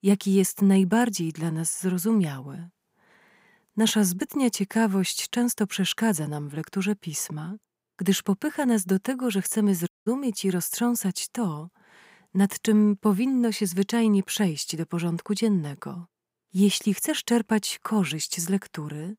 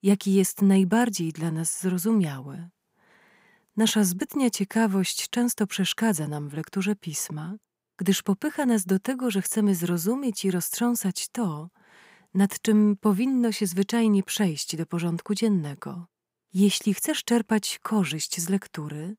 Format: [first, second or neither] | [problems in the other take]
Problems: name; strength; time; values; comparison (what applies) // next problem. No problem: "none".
second | audio cutting out; at 10 s